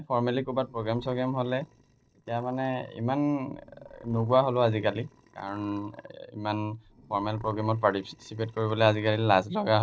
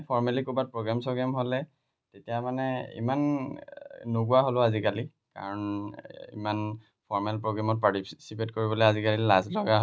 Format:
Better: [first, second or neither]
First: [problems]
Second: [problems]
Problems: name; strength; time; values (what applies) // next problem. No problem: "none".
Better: second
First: noise reduction (neural separator model SepFormer DNS4)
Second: none